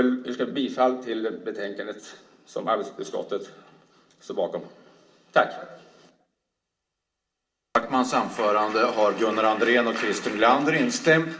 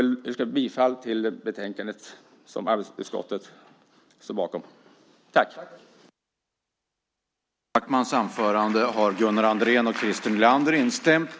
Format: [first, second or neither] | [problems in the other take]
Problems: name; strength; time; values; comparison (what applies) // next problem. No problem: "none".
second | room echo; dies away in 0.6 s